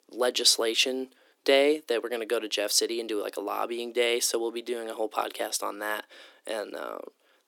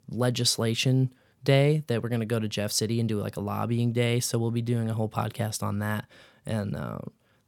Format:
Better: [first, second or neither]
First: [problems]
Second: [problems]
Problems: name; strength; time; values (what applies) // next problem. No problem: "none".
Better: second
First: thin; very; fading below 300 Hz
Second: none